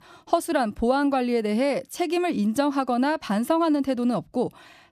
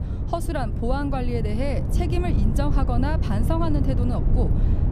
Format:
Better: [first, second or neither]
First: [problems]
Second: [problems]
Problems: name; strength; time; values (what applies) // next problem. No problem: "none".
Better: first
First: none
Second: wind noise on the microphone; heavy; 7 dB below the speech